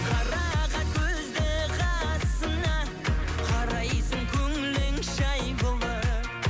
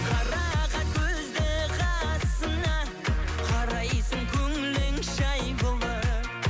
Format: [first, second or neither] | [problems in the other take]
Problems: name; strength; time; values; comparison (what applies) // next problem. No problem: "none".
second | background sound (Car passing by); 18 dB below the speech